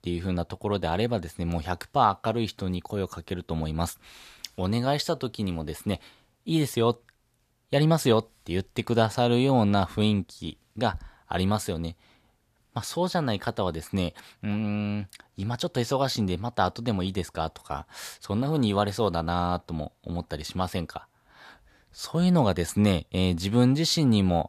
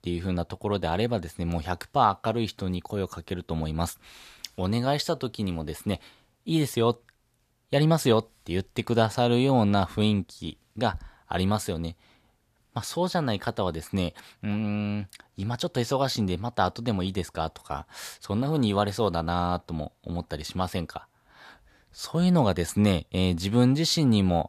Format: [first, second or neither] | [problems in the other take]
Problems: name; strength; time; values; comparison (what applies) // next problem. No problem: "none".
neither | none